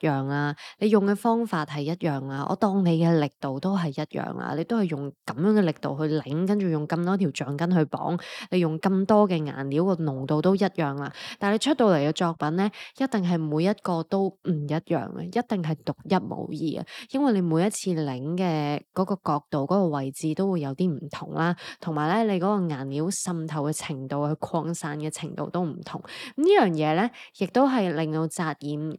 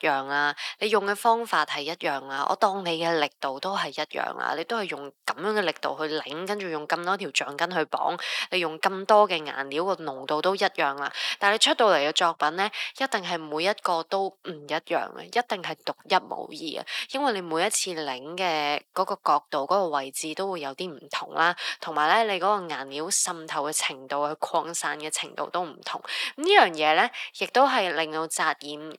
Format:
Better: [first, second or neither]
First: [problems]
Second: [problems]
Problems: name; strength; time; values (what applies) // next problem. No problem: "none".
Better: first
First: none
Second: thin; very; fading below 700 Hz